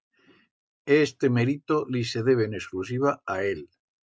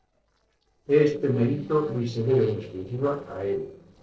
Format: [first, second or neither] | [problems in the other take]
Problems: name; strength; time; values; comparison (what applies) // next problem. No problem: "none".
first | noise reduction (neural separator model SepFormer DNS4)